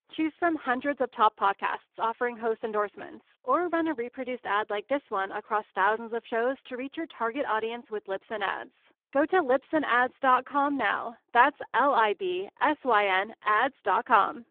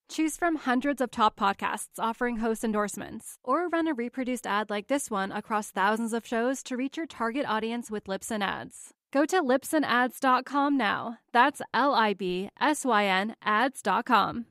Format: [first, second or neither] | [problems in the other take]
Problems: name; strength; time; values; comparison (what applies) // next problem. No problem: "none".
second | phone-call audio; poor line